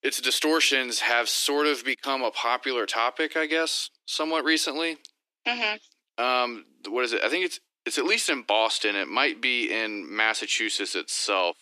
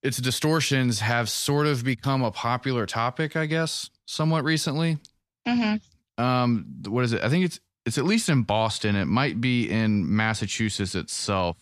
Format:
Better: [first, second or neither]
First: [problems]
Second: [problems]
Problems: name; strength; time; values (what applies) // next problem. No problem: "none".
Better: second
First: thin; very; fading below 300 Hz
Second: none